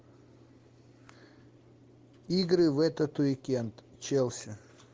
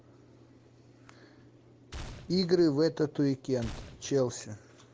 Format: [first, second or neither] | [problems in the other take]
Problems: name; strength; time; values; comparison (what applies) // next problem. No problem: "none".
first | background sound (Gunshot, gunfire); 15 dB below the speech